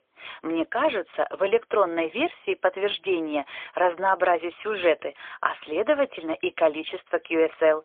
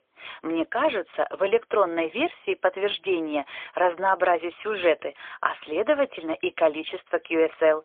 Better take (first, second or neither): neither